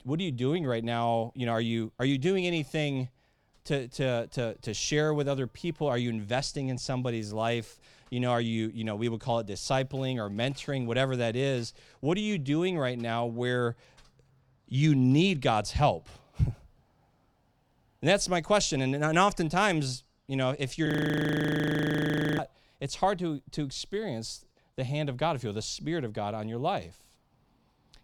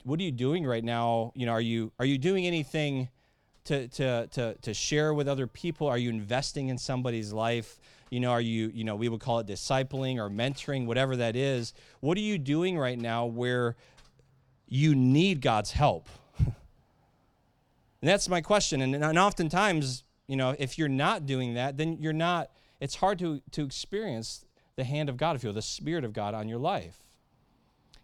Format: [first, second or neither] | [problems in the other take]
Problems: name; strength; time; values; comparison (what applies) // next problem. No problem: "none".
second | audio freezing; at 21 s for 1.5 s